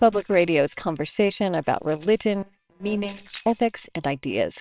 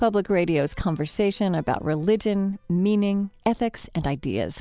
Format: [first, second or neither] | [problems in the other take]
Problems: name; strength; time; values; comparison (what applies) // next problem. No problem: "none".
second | noise reduction (neural separator model SepFormer WHAMR!)